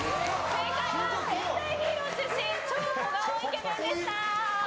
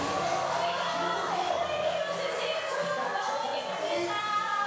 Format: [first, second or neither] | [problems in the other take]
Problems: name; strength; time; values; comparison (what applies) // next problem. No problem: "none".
first | room echo; dies away in 0.7 s